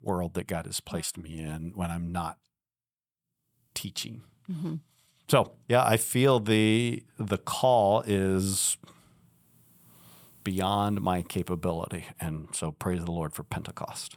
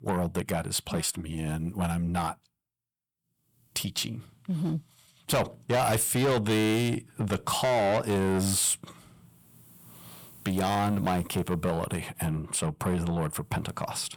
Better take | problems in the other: first | distortion; heavy; 6 dB below the speech

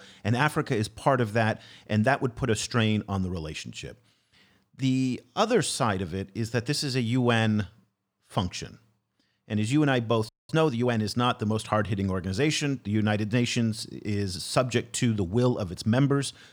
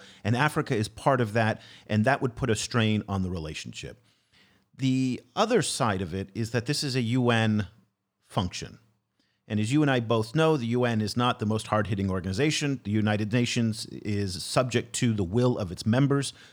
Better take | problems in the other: second | audio freezing; at 10 s

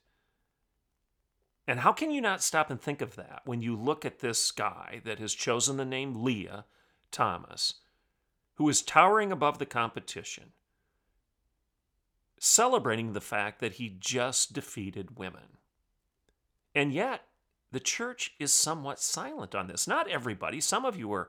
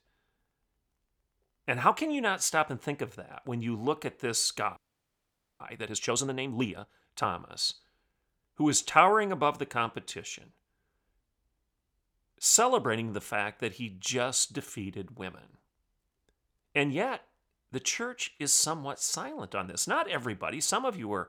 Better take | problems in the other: first | audio freezing; at 5 s for 1 s

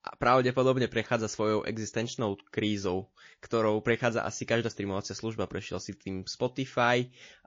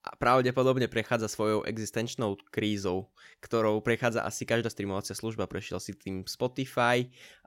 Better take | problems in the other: second | garbled, watery; slightly; nothing above 6.5 kHz

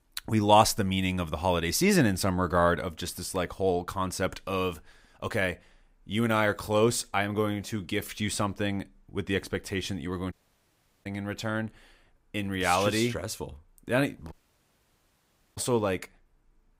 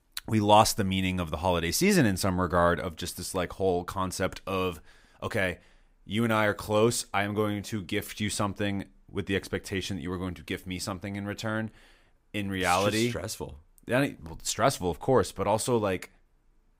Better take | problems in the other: second | audio cutting out; at 10 s for 0.5 s and at 14 s for 1 s

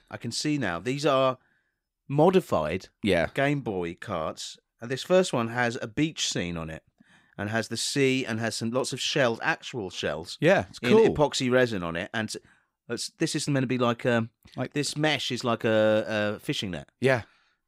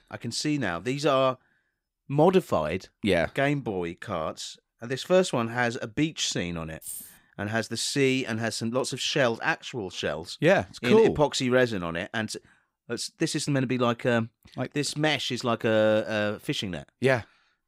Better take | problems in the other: first | jangling keys; faint; at 7 s; peak 10 dB below the speech

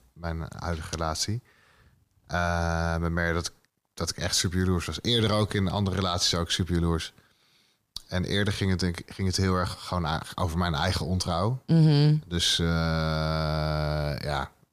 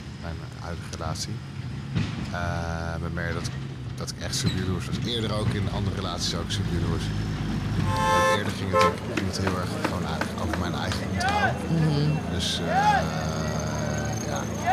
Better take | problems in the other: first | traffic noise; very loud; throughout; 2 dB above the speech

